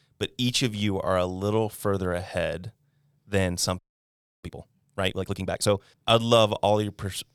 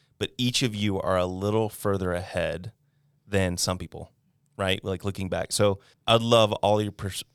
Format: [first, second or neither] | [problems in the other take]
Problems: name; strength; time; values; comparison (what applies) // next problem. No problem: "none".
second | audio freezing; at 4 s for 0.5 s